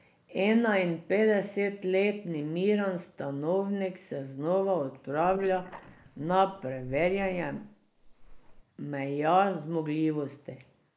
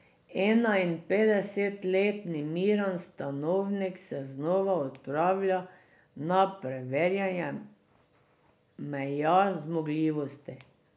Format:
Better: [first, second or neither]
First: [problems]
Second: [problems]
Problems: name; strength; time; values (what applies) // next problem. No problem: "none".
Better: second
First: noise reduction (neural mask model Resemble Enhance denoiser)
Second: none